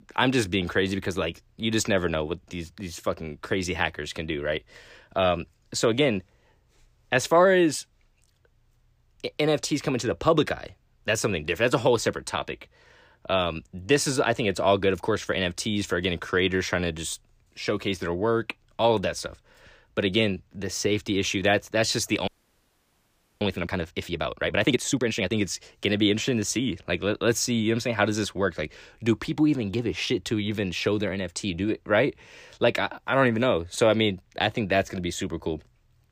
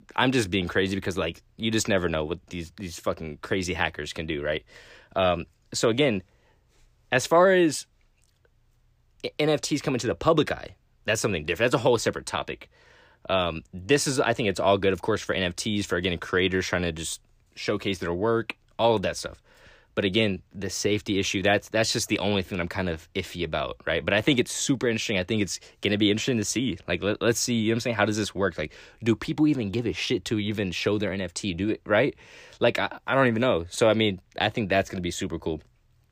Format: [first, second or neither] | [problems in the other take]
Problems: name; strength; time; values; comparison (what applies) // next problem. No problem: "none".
second | audio freezing; at 22 s for 1 s